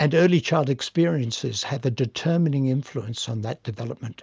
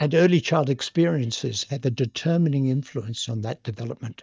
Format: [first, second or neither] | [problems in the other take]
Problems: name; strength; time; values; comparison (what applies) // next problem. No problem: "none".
first | noise reduction (neural mask model DeepFilterNet 3)